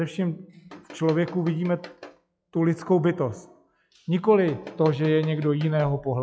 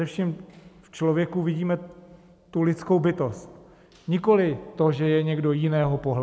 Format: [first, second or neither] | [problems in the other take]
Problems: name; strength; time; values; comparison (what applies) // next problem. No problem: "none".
second | noise reduction (classical method log-MMSE)